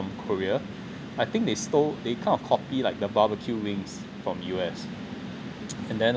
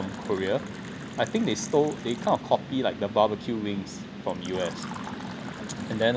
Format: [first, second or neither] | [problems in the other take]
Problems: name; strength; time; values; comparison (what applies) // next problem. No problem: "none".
first | background sound (Fill (with liquid)); 18 dB below the speech